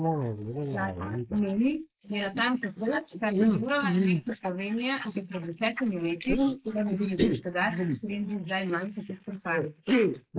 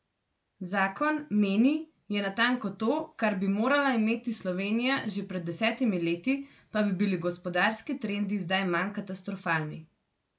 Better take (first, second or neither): second